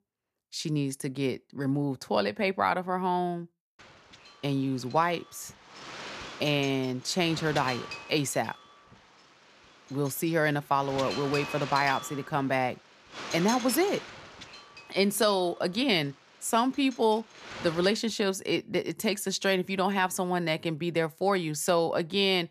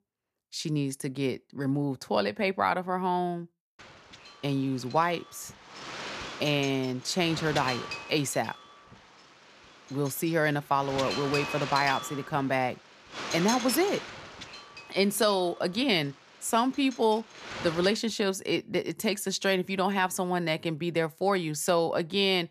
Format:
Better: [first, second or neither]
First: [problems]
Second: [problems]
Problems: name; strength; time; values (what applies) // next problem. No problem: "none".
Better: first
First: wind noise on the microphone; occasional gusts; from 4 to 18 s; 10 dB below the speech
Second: wind noise on the microphone; heavy; from 4 to 18 s; 8 dB below the speech